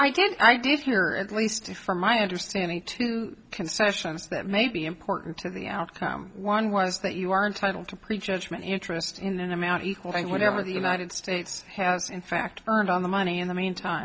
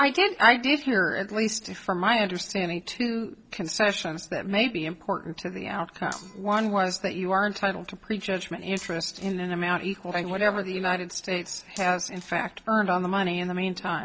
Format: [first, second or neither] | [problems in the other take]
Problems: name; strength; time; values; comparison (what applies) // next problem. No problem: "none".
first | noise reduction (neural separator model SepFormer DNS4)